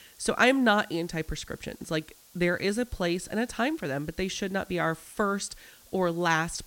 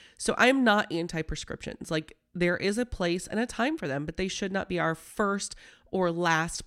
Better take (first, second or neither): second